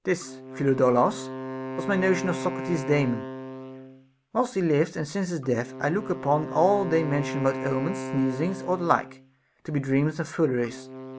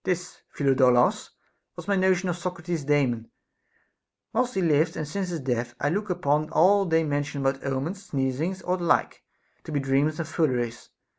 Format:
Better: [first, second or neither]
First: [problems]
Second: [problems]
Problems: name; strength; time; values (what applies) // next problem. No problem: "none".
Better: second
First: background sound (Wind instrument, woodwind instrument); 10 dB below the speech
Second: none